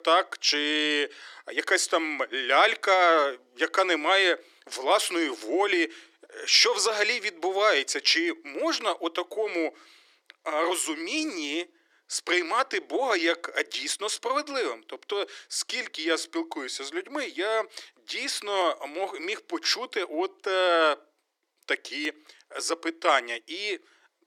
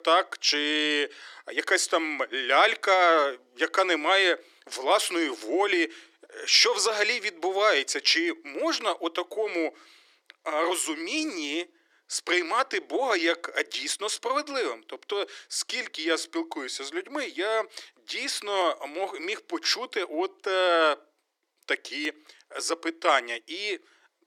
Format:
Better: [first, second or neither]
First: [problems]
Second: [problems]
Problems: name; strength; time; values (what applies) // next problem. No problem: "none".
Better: neither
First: thin; very; fading below 350 Hz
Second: thin; very; fading below 350 Hz